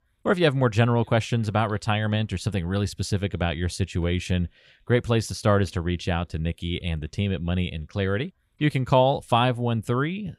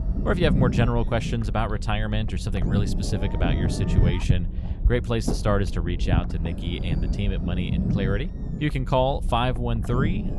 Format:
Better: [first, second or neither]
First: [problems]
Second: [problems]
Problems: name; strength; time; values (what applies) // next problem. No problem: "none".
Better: first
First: none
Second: low rumble; loud; throughout; 8 dB below the speech